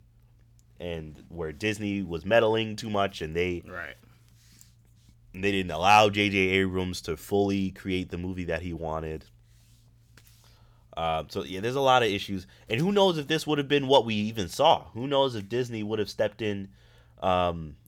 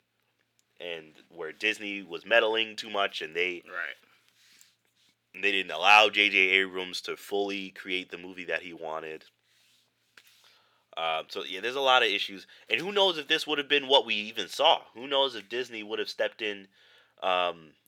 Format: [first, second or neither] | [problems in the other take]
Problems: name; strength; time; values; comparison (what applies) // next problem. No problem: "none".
first | thin; somewhat; fading below 400 Hz